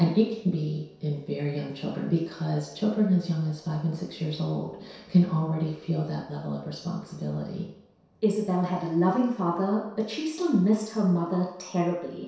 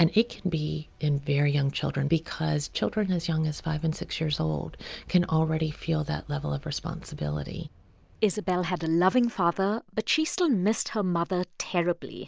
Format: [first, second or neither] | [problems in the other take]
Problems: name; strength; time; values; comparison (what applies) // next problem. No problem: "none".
second | room echo; dies away in 0.7 s